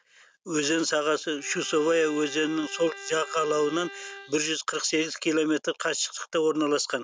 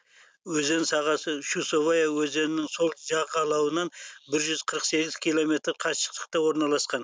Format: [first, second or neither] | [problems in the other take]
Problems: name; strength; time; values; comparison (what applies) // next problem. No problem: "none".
second | background sound (Bowed string instrument); 16 dB below the speech